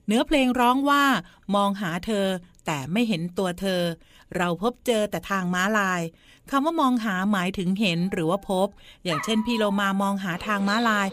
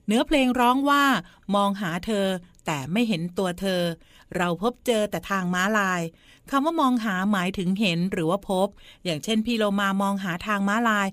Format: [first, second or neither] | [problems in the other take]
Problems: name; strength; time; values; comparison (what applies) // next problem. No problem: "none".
second | animal sounds; very faint; from 8 s on; 10 dB below the speech